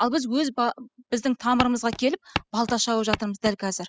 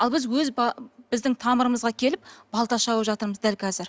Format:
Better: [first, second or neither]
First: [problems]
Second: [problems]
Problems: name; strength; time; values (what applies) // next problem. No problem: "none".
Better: second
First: noise reduction (classical method spectral subtraction)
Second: none